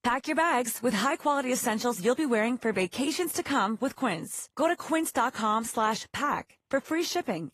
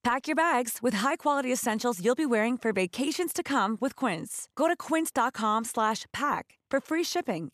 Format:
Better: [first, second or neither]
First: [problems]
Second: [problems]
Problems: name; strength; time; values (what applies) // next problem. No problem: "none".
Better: second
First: garbled, watery; slightly; nothing above 14 kHz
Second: none